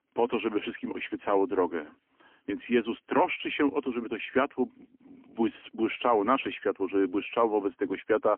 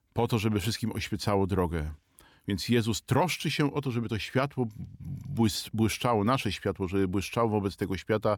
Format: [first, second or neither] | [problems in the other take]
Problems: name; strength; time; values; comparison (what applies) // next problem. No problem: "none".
second | phone-call audio; poor line; nothing above 3 kHz